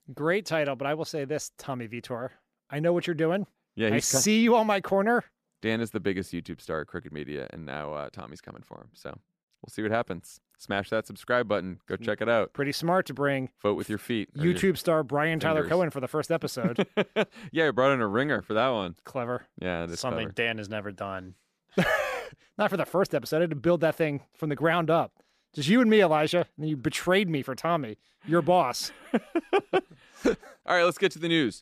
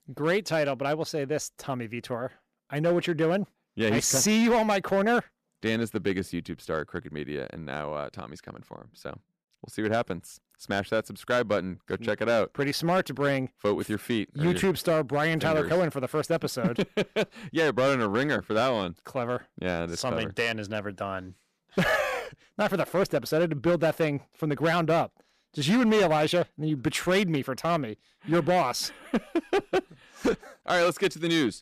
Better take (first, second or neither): first